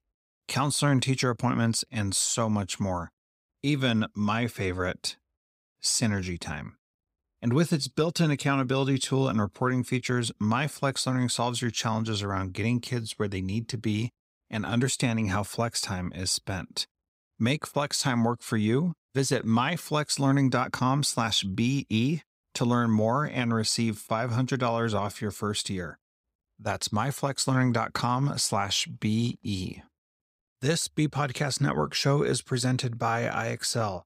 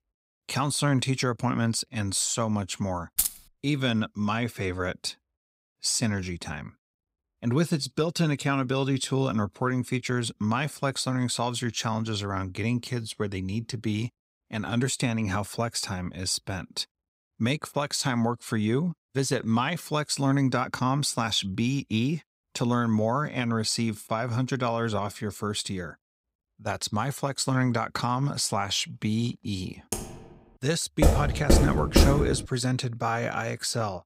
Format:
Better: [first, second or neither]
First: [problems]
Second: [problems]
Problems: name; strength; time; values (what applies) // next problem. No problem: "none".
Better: first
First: none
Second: jangling keys; loud; at 3 s; peak 1 dB above the speech // keyboard typing; noticeable; at 30 s; peak 7 dB below the speech // door banging; loud; from 31 to 32 s; peak 6 dB above the speech